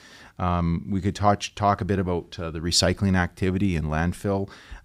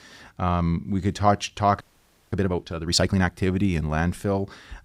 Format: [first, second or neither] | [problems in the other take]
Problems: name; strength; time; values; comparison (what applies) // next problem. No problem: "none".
first | audio freezing; at 2 s for 0.5 s